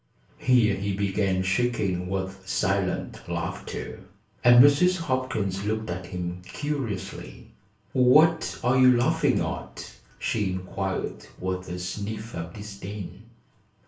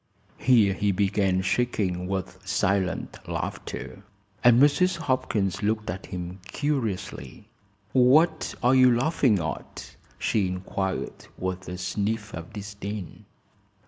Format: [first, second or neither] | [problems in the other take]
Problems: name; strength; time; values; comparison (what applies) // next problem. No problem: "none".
second | room echo; dies away in 0.3 s